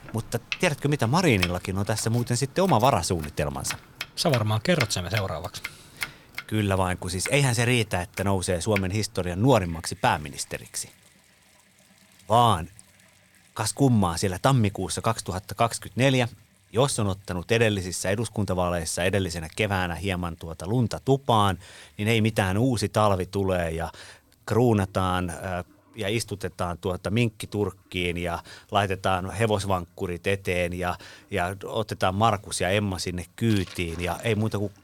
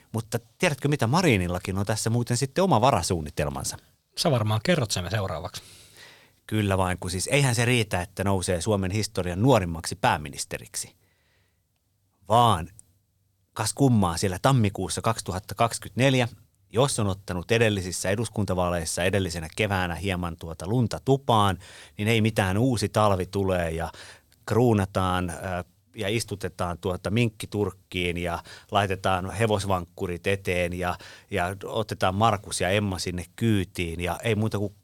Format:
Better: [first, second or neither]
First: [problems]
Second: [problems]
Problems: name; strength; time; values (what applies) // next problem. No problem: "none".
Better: second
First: household noises; noticeable; throughout; 10 dB below the speech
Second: none